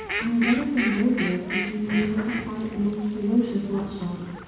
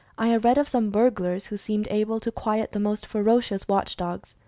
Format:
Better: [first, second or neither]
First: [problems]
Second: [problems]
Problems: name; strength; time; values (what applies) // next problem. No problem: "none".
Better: second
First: background sound (Fowl); 9 dB below the speech // room echo; dies away in 1.2 s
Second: none